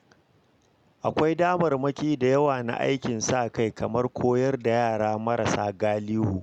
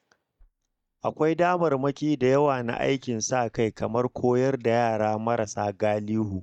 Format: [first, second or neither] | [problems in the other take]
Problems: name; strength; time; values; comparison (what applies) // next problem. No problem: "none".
first | noise reduction (neural mask model DeepFilterNet 3)